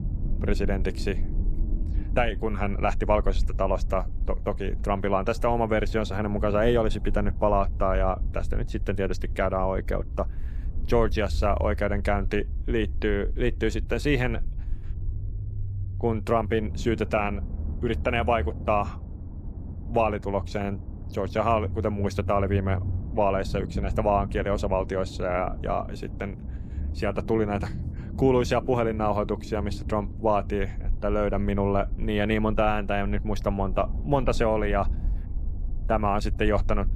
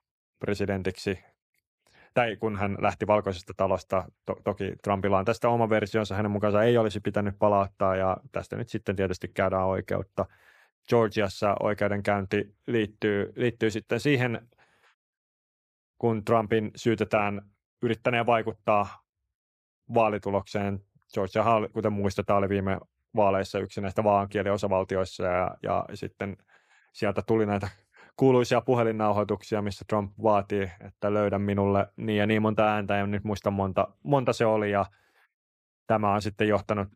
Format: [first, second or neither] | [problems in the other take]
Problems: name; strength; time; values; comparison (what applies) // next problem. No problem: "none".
second | low rumble; faint; throughout; 20 dB below the speech